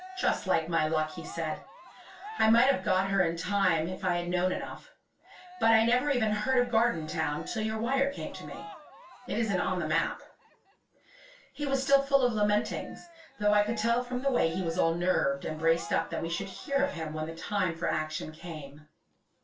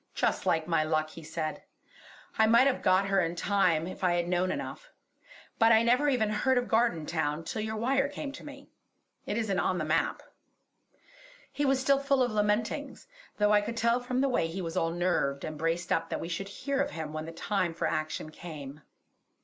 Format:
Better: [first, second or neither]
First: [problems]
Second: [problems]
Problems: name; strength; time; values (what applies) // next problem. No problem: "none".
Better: second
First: background sound (Cheering); 18 dB below the speech // room echo; dies away in 0.2 s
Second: none